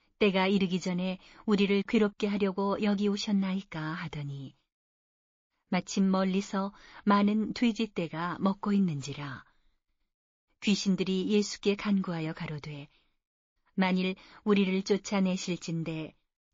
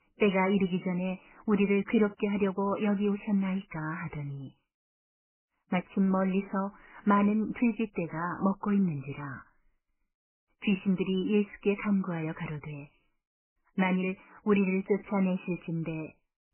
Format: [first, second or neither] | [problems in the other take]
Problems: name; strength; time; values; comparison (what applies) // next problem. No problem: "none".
first | garbled, watery; badly; nothing above 3 kHz; slightly in the first